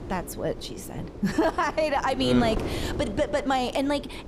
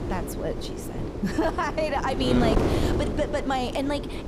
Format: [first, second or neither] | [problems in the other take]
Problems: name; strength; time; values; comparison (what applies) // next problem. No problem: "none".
first | wind noise on the microphone; heavy; 5 dB below the speech; occasional gusts in the first